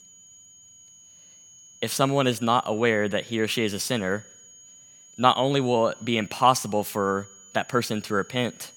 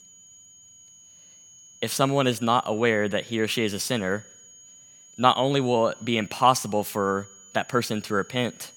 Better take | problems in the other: neither | high-pitched whine; faint; throughout; 7 kHz, 25 dB below the speech; the same in both

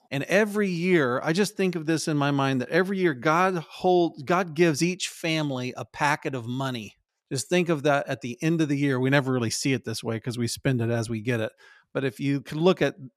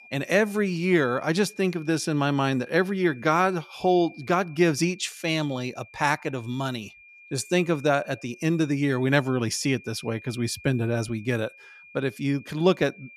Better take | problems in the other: first | high-pitched whine; faint; throughout; 2.5 kHz, 20 dB below the speech

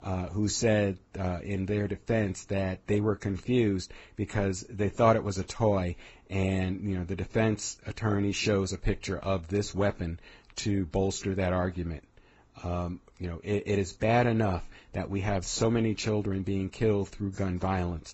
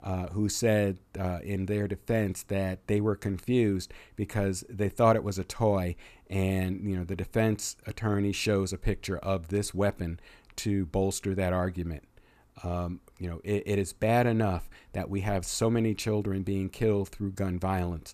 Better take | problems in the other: second | garbled, watery; badly; nothing above 7.5 kHz

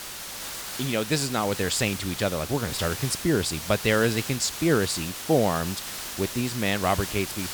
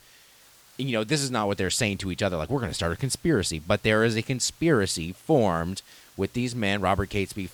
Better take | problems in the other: second | hiss; loud; throughout; 7 dB below the speech; faint in the second

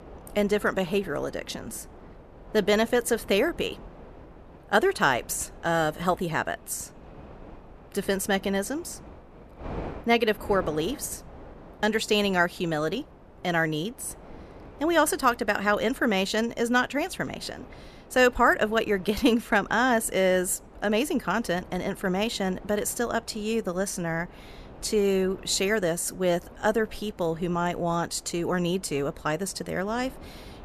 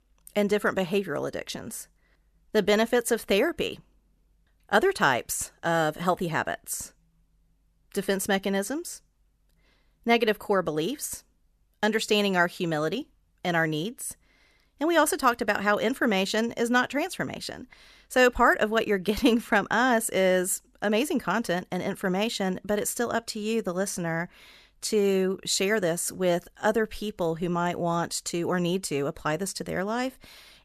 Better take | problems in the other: second | wind noise on the microphone; occasional gusts; 20 dB below the speech

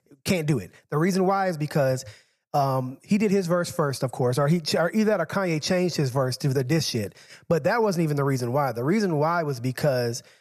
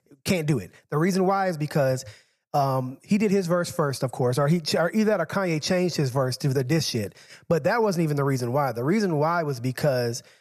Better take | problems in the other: neither | none

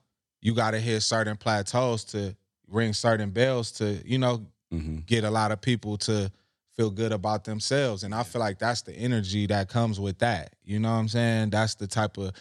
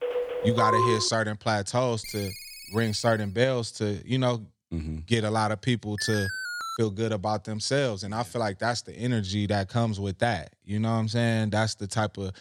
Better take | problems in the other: first | phone ringing; loud; until 1 s; peak 4 dB above the speech // phone ringing; noticeable; from 2 to 3.5 s; peak 10 dB below the speech // alarm; noticeable; at 6 s; peak 4 dB below the speech

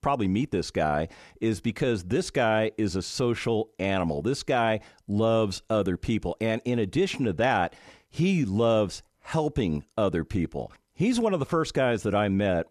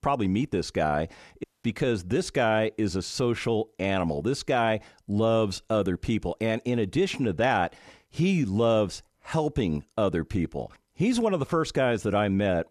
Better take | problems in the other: first | audio cutting out; at 1.5 s

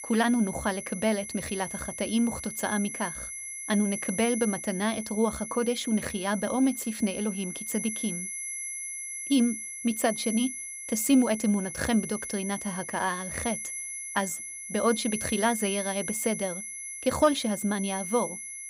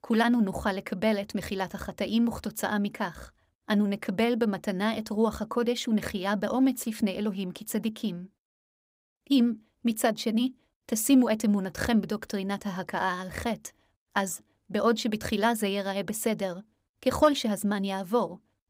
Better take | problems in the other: second | high-pitched whine; loud; throughout; 11 kHz, 6 dB below the speech

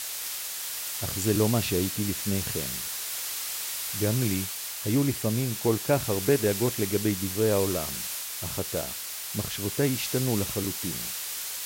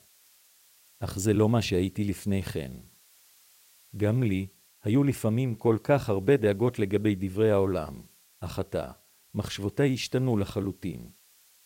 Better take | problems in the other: second | hiss; loud; throughout; 3 dB below the speech; faint in the second

